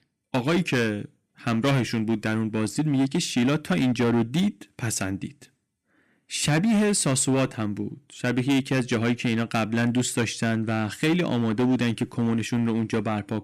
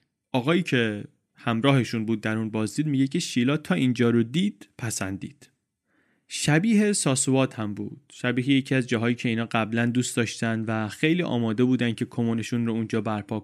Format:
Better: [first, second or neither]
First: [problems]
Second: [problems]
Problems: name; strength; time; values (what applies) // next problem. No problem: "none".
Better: second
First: distortion; slight; 11% of the sound clipped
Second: none